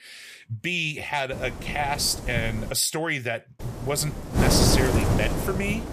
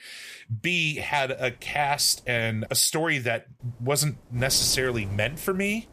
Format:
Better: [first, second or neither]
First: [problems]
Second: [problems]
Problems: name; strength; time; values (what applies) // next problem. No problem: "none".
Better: second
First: wind noise on the microphone; heavy; from 1.5 to 2.5 s and from 3.5 s on; 4 dB below the speech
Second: wind noise on the microphone; occasional gusts; from 1.5 to 2.5 s and from 3.5 s on; 25 dB below the speech